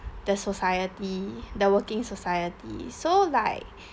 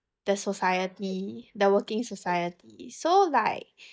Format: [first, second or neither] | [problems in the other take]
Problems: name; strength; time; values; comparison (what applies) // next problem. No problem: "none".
first | noise reduction (neural mask model DeepFilterNet 3)